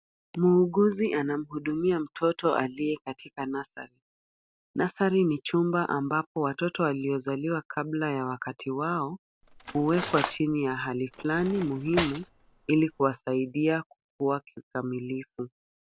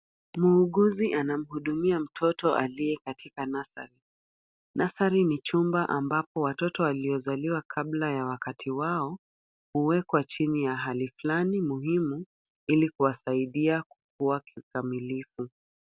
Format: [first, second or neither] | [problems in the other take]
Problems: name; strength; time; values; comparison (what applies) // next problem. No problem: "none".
second | background sound (Cutlery, silverware); 10 dB below the speech